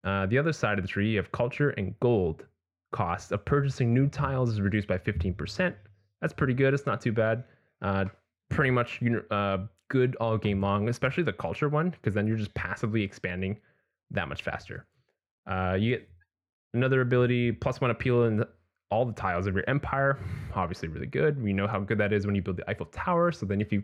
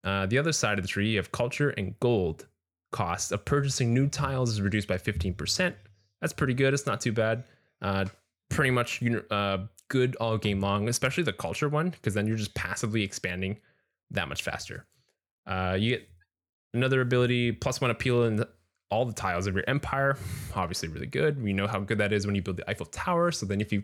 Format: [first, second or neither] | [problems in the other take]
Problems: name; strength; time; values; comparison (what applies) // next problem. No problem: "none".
second | muffled; slightly; fading above 4 kHz